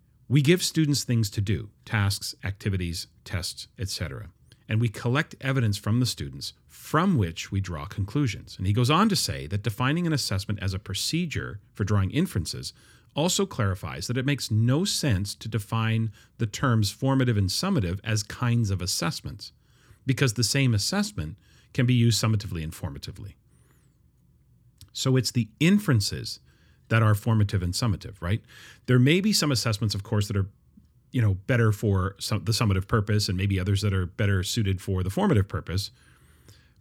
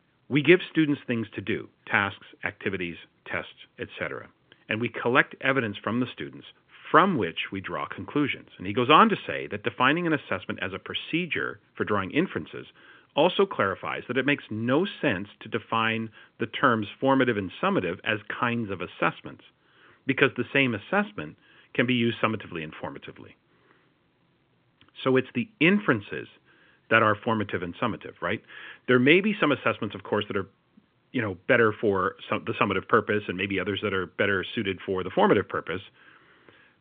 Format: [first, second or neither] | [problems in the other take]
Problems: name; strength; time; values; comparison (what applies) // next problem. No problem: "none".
first | phone-call audio; nothing above 3.5 kHz